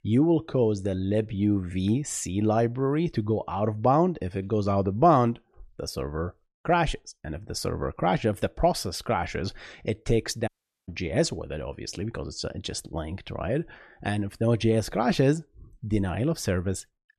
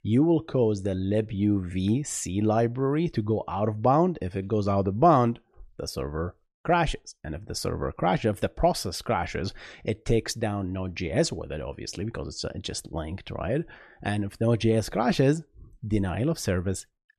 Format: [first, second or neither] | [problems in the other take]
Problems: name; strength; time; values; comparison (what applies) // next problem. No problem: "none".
second | audio cutting out; at 10 s